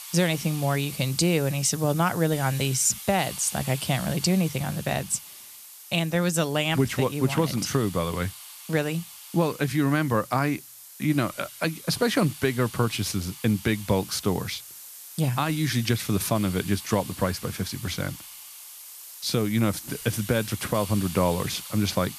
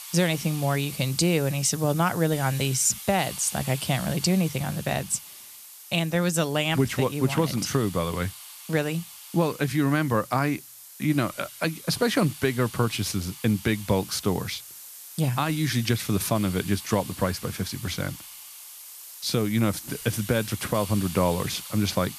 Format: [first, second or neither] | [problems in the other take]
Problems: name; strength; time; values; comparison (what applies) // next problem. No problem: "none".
neither | hiss; noticeable; throughout; 15 dB below the speech; the same in both